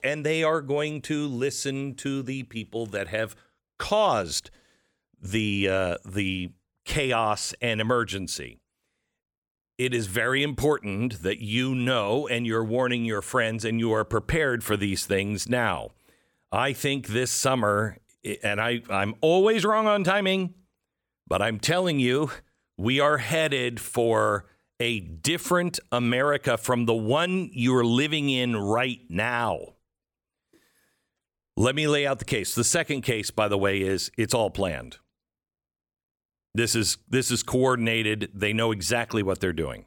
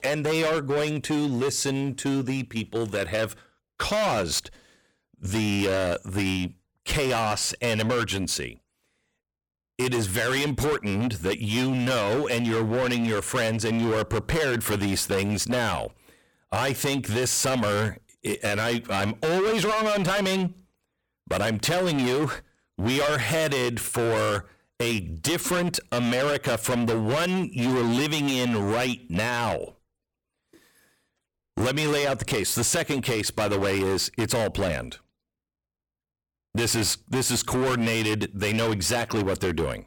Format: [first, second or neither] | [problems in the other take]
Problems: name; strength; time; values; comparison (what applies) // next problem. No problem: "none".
first | distortion; heavy; 23% of the sound clipped